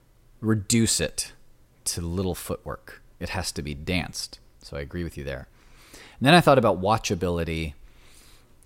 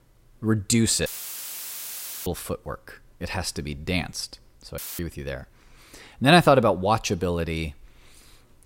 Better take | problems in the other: first | audio cutting out; filled with static; at 1 s for 1 s and at 5 s

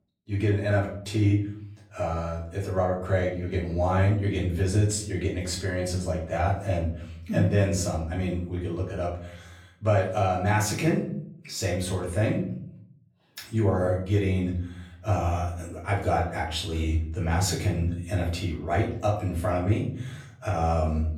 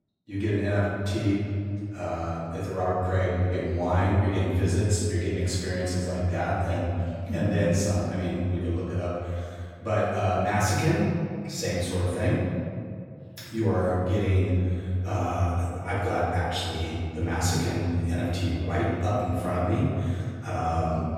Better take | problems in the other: first | room echo; strong; dies away in 2 s; slight in the first // off-mic speech; far; far in the first

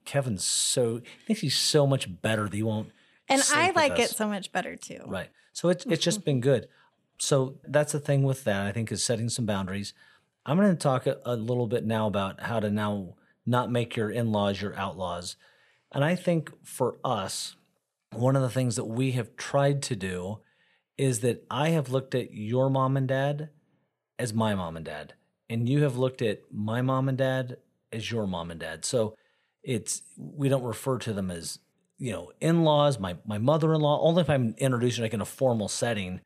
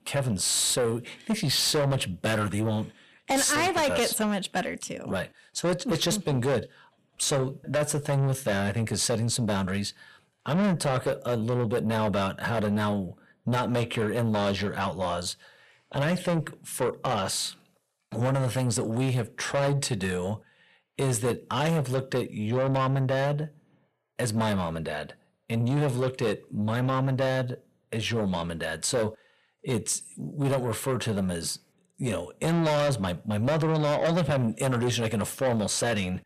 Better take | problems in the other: first | distortion; heavy; 7 dB below the speech

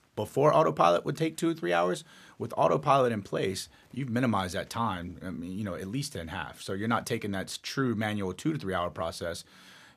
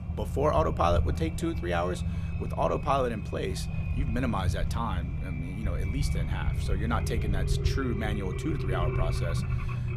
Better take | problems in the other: first | low rumble; noticeable; throughout; 10 dB below the speech

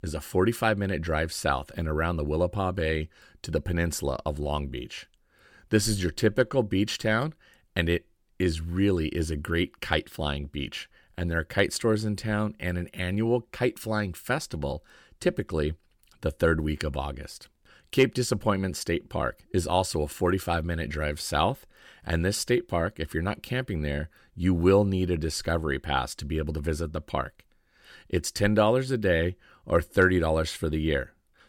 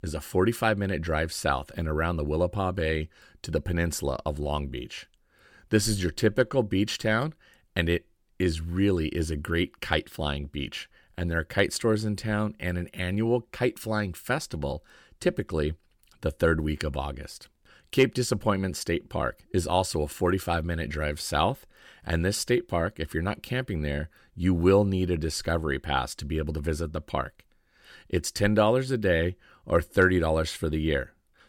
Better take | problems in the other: neither | none

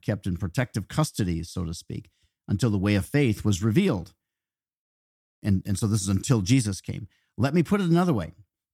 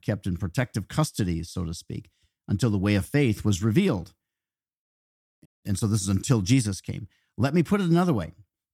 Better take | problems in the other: first | audio cutting out; at 5.5 s

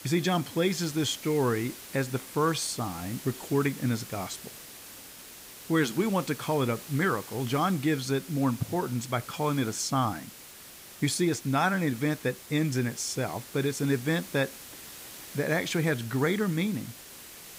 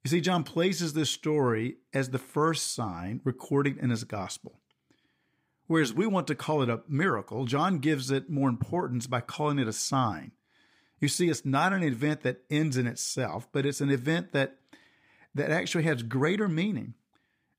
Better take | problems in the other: second | hiss; noticeable; throughout; 15 dB below the speech

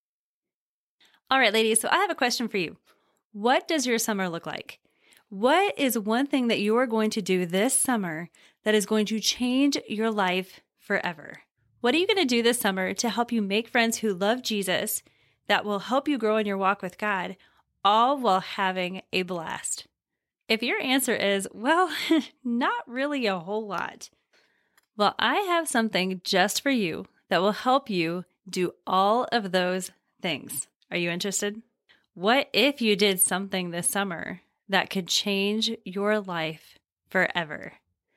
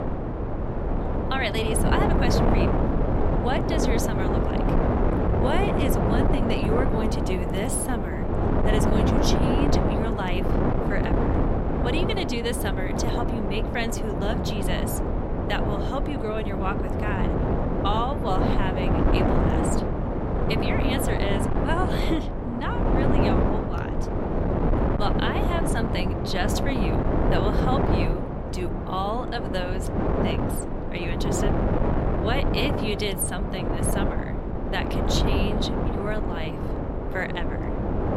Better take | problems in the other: first | wind noise on the microphone; heavy; 2 dB above the speech

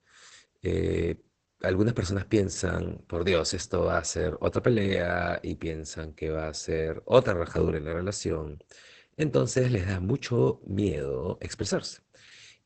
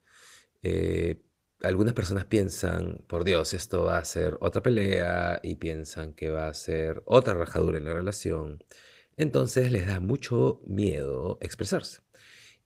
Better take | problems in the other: second | garbled, watery; badly; nothing above 8 kHz; slightly in the second

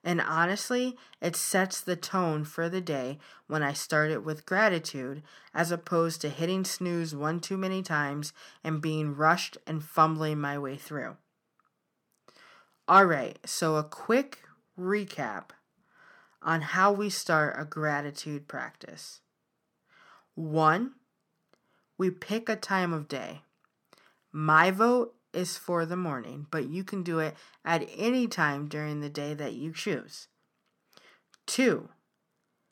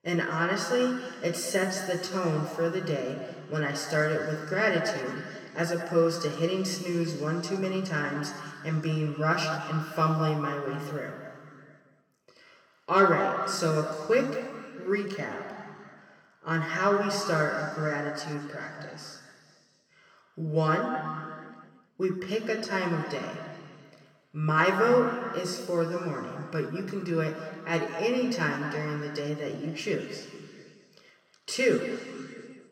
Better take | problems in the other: first | room echo; noticeable; dies away in 2.4 s // off-mic speech; somewhat distant

